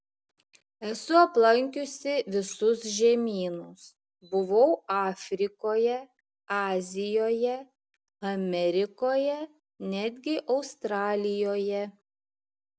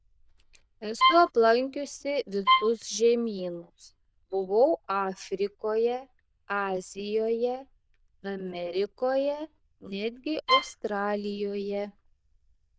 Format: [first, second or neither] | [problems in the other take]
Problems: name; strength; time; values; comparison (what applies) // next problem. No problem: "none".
first | noise reduction (neural diffusion model UNIVERSE++)